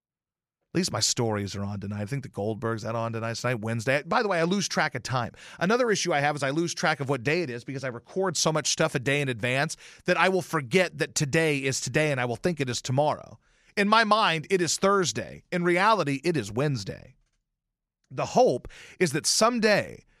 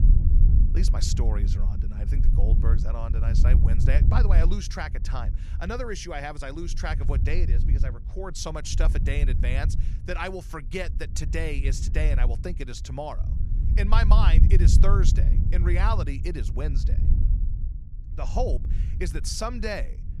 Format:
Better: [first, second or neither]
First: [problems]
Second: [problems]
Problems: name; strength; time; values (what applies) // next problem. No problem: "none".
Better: first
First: none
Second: wind noise on the microphone; heavy; 9 dB below the speech